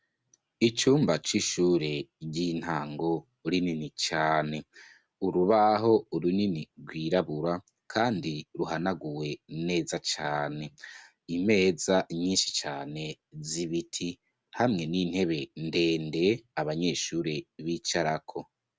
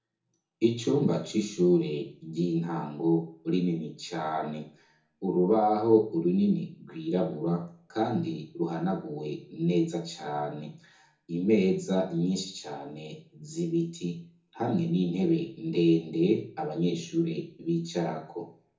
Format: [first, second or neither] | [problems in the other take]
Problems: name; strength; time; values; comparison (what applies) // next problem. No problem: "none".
first | room echo; dies away in 0.6 s